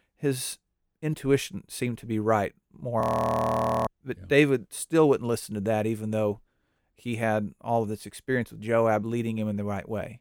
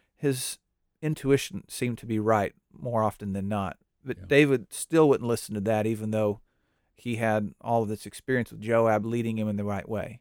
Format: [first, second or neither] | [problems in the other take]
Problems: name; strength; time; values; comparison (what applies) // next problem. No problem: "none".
second | audio freezing; at 3 s for 1 s